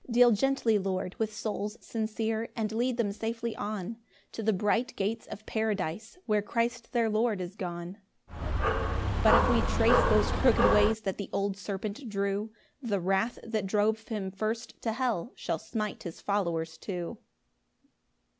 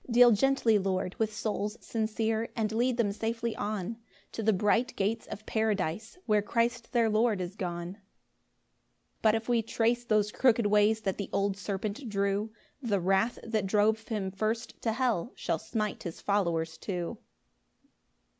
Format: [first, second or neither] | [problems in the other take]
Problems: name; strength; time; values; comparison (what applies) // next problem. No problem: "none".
second | background sound (Dog); 4 dB above the speech